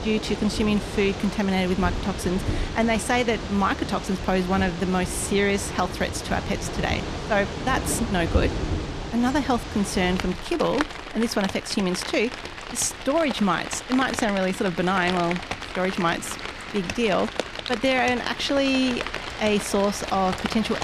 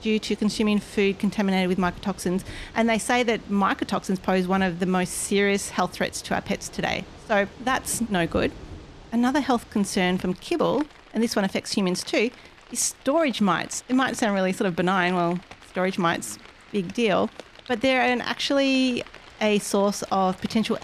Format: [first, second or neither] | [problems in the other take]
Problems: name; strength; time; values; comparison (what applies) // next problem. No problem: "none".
second | rain or running water; loud; throughout; 7 dB below the speech; faint in the second